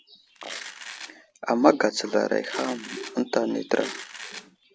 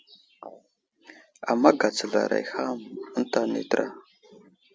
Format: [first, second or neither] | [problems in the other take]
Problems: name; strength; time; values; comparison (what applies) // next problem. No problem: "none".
second | background sound (Domestic sounds, home sounds); 14 dB below the speech